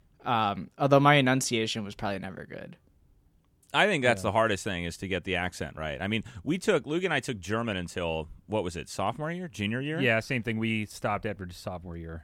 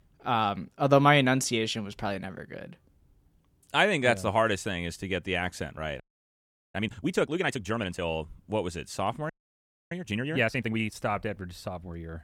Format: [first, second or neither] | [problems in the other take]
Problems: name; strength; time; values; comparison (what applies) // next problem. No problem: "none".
first | audio freezing; at 6 s for 0.5 s and at 9.5 s for 0.5 s